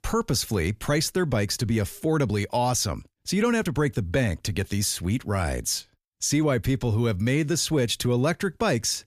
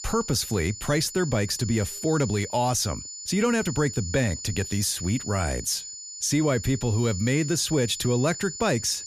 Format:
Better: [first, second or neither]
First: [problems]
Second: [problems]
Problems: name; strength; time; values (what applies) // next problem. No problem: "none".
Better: first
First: none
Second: high-pitched whine; loud; throughout; 7 kHz, 10 dB below the speech